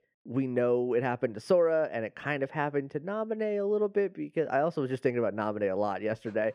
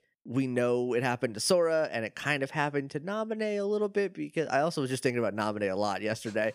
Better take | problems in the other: second | muffled; very; fading above 3.5 kHz

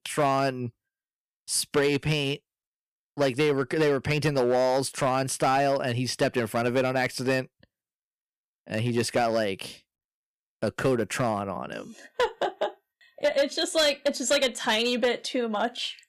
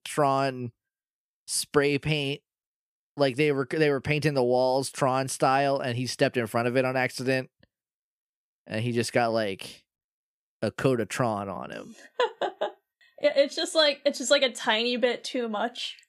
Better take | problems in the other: second | distortion; slight; 5% of the sound clipped

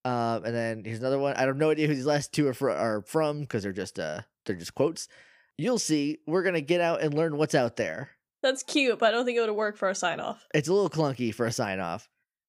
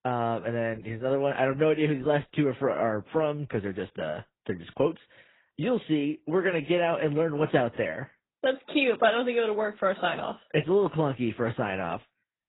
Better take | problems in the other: first | garbled, watery; badly; nothing above 4 kHz

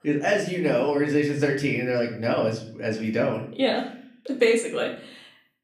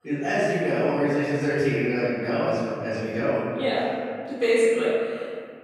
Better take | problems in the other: first | room echo; strong; dies away in 2 s; slight in the first // off-mic speech; far; far in the first

